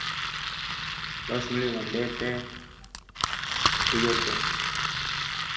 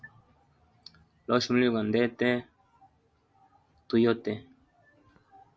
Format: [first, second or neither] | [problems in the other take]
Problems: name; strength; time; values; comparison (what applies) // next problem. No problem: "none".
second | background sound (Engine); 4 dB above the speech // room echo; dies away in 0.8 s